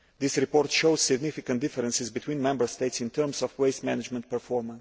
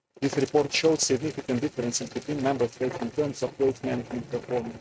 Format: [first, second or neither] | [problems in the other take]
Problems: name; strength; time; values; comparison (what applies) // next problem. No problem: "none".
first | noise reduction (neural mask model RNNoise)